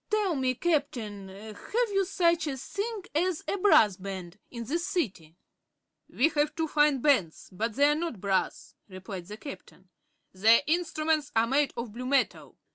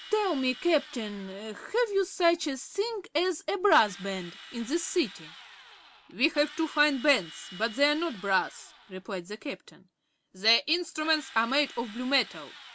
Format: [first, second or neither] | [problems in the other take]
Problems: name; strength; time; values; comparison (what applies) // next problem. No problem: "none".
first | background sound (Drill); 19 dB below the speech